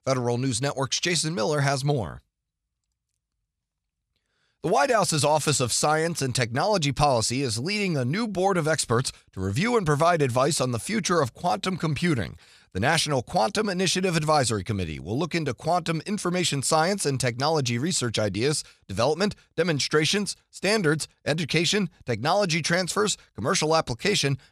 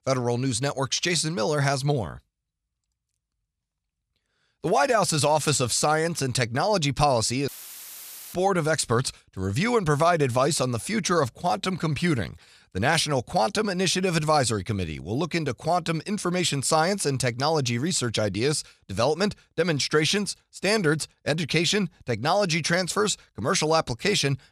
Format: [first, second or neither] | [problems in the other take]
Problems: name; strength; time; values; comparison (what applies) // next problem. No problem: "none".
first | audio cutting out; filled with static; at 7.5 s for 1 s